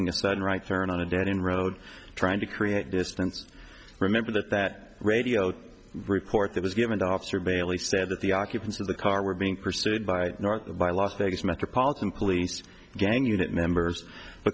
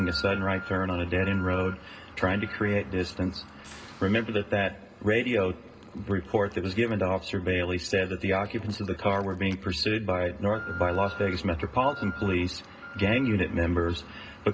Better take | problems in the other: first | background sound (Alarm); 16 dB below the speech // room echo; dies away in 0.2 s

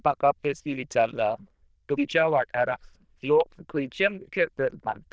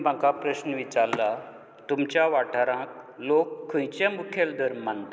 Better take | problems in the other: second | noise reduction (neural diffusion model UNIVERSE++)

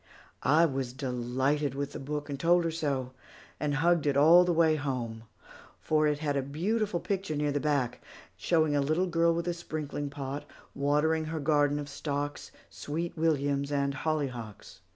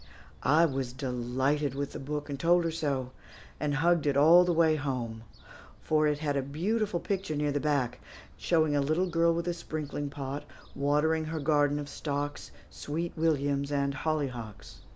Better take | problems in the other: first | background sound (Gull, seagull / Fowl); 20 dB below the speech

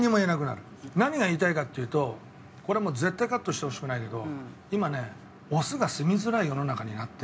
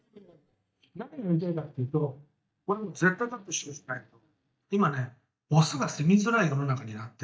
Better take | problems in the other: first | noise reduction (neural mask model DeepFilterNet 3)

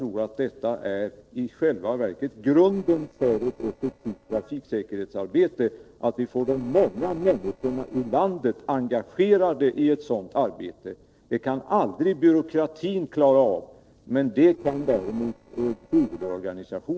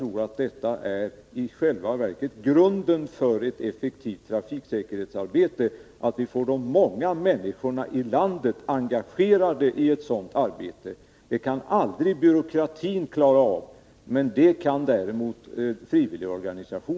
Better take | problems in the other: second | noise reduction (neural separator model SepFormer DNS4)

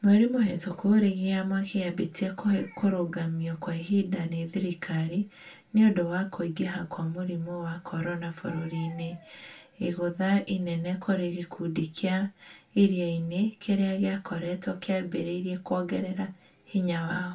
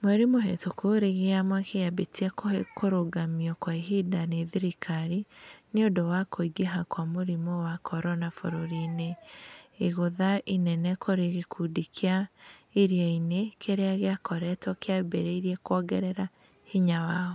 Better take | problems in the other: second | room echo; dies away in 0.2 s

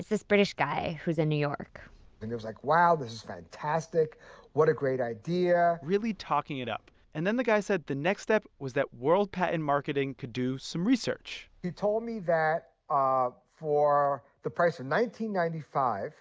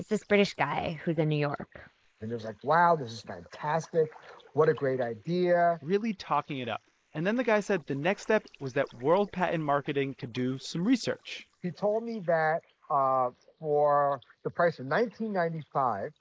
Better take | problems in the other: first | noise reduction (neural mask model Resemble Enhance denoiser)

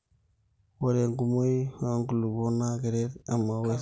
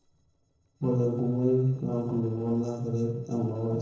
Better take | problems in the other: first | noise reduction (neural separator model SepFormer DNS4)

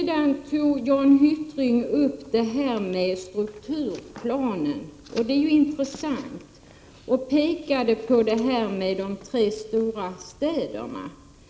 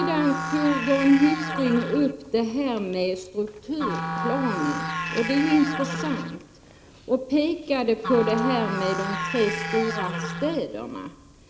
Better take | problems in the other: first | background sound (Musical instrument); 7 dB below the speech

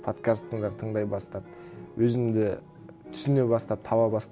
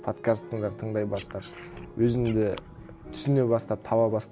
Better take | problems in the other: first | background sound (Frog); 17 dB below the speech

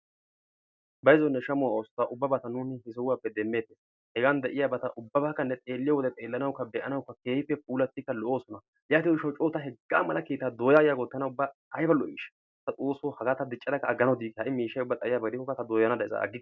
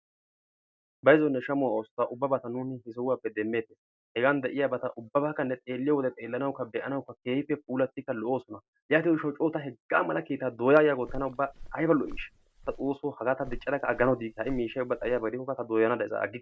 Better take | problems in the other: first | background sound (Walk, footsteps); 13 dB below the speech

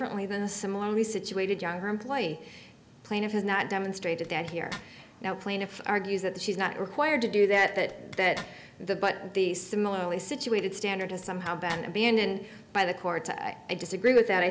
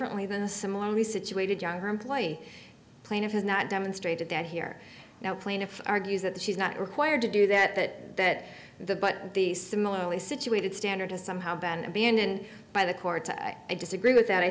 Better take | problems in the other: second | background sound (Zipper (clothing)); 18 dB below the speech

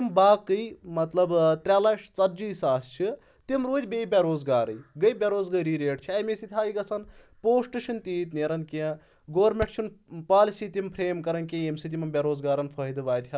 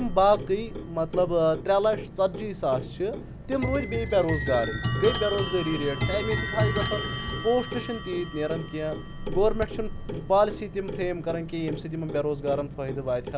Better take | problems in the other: first | background sound (Clock); 5 dB below the speech

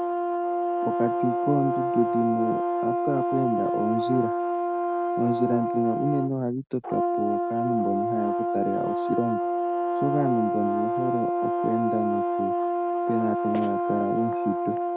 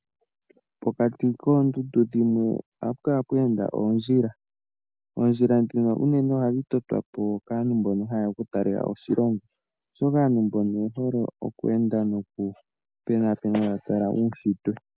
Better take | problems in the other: second | background sound (Brass instrument); 3 dB above the speech

